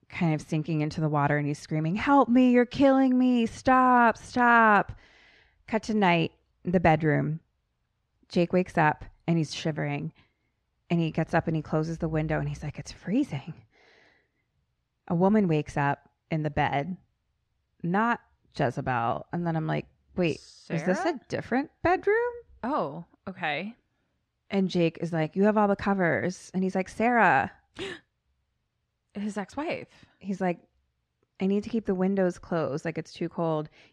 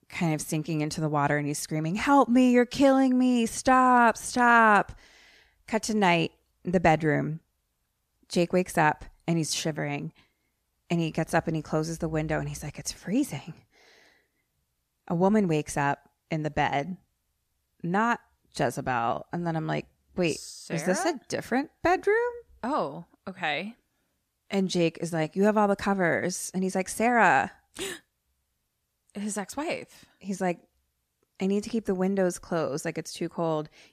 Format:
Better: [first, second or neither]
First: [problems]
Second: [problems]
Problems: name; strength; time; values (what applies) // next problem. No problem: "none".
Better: second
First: muffled; slightly; fading above 3.5 kHz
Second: none